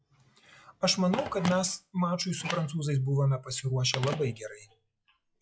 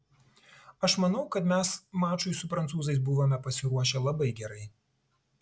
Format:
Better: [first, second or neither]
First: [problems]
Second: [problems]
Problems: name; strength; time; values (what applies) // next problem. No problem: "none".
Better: second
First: noise reduction (classical method log-MMSE)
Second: none